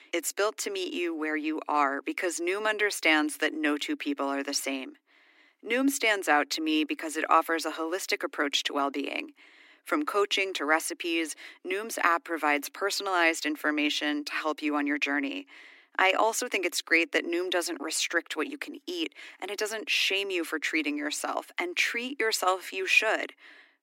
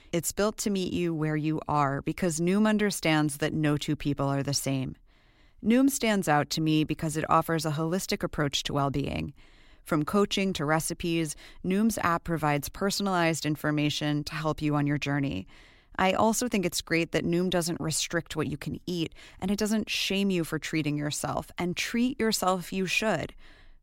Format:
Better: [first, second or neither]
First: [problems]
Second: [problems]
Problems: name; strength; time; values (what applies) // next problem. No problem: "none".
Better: second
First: thin; somewhat; fading below 300 Hz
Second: none